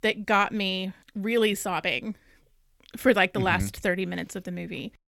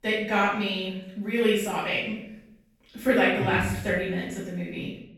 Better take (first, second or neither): first